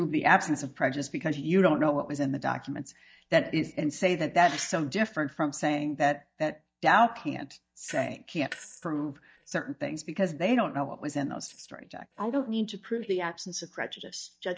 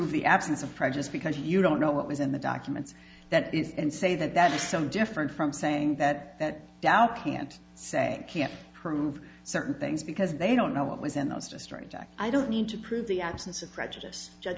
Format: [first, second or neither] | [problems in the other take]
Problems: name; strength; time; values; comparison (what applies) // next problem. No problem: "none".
second | noise reduction (neural mask model DeepFilterNet 3)